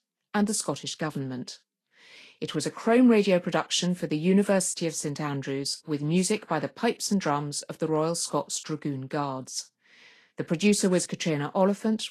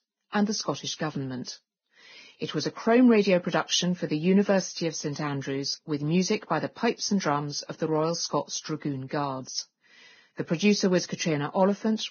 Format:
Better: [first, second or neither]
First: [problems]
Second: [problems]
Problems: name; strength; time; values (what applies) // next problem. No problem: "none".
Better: first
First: garbled, watery; slightly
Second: garbled, watery; badly; nothing above 6.5 kHz